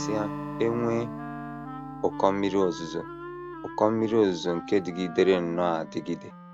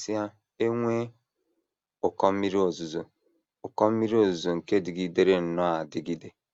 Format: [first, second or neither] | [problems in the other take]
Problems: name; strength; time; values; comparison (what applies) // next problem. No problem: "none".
second | background sound (Acoustic guitar + Wind instrument, woodwind instrument); 10 dB below the speech